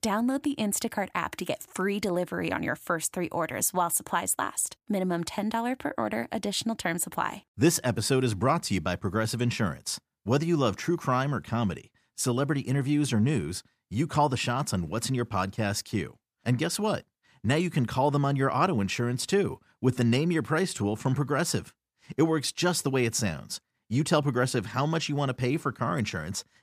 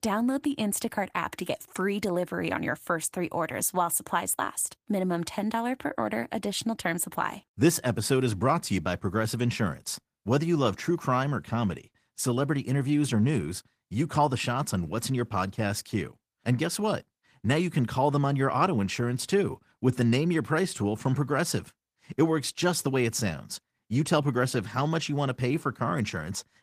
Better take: first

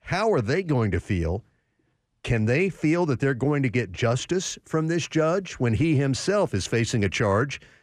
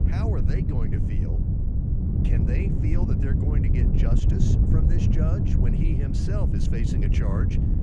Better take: first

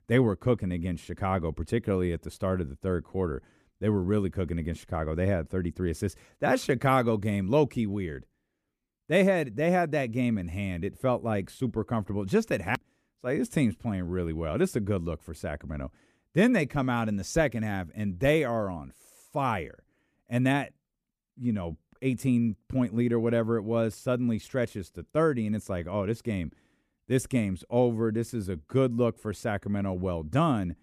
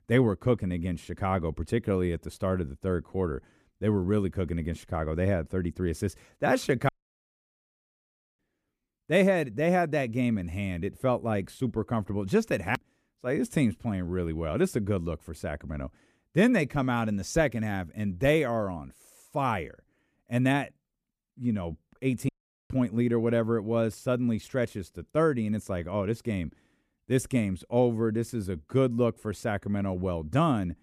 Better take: first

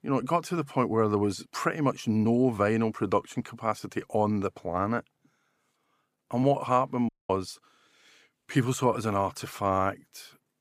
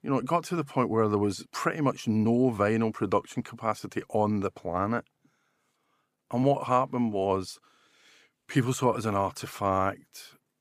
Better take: second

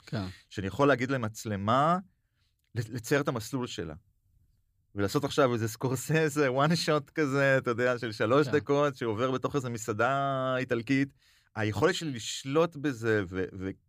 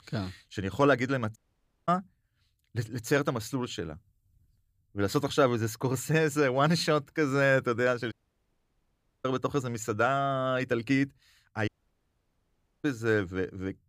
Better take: first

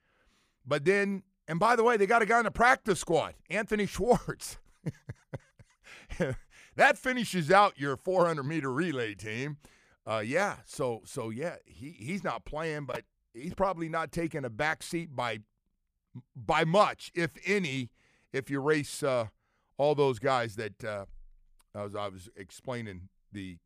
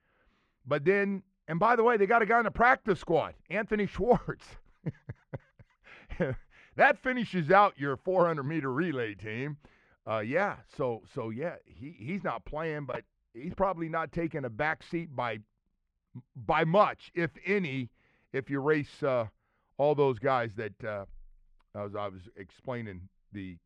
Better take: first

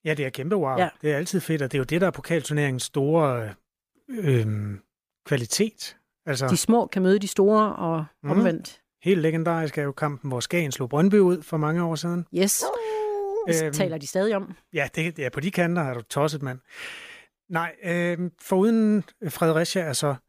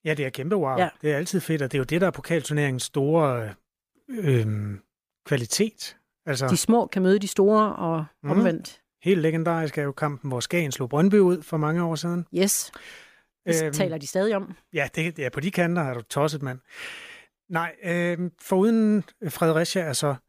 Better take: second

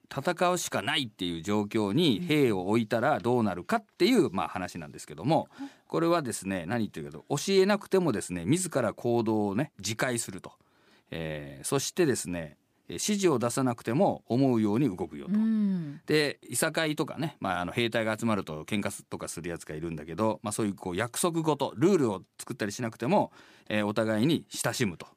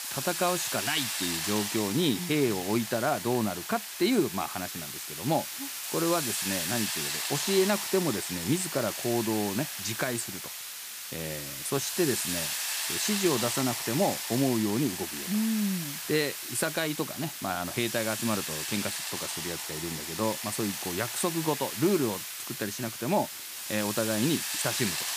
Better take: first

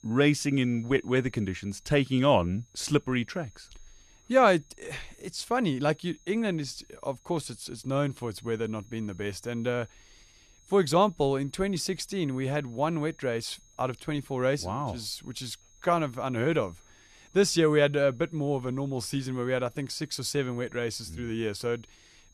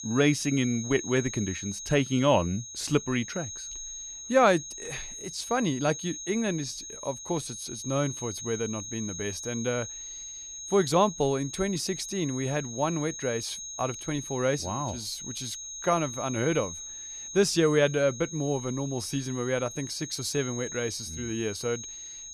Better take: first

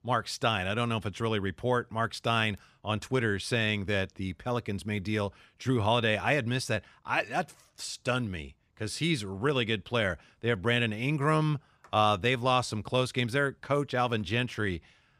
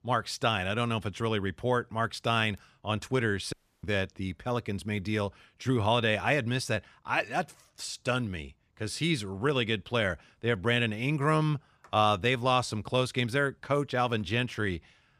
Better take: first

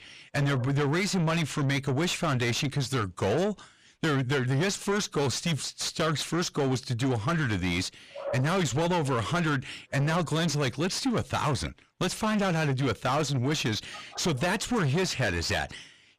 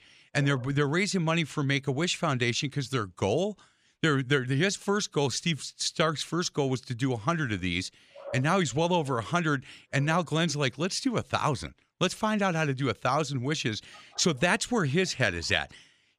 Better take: second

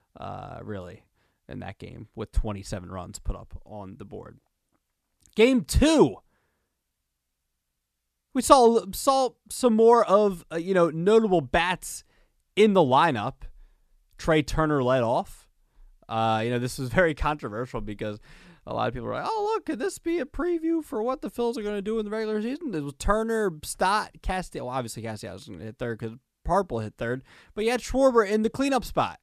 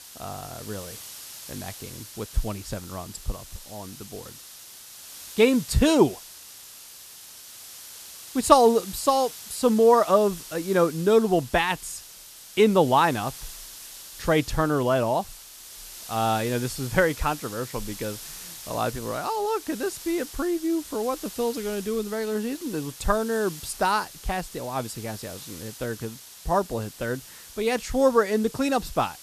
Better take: first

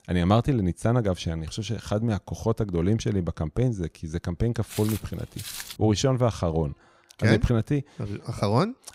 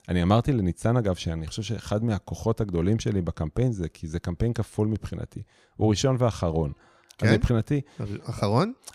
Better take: second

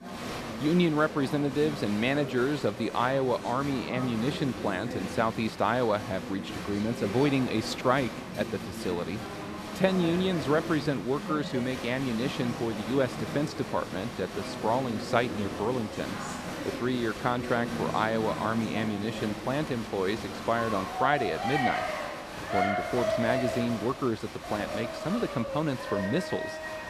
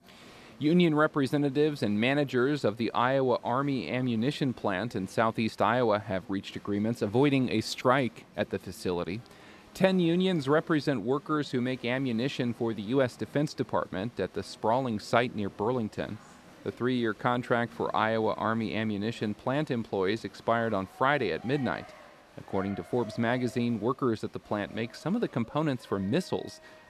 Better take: second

